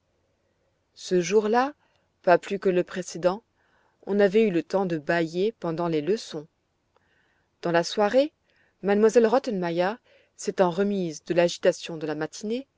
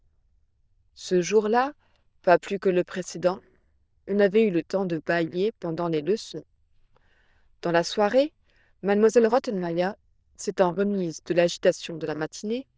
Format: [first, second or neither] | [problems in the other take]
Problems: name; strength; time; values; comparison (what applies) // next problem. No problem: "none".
first | noise reduction (neural diffusion model UNIVERSE++)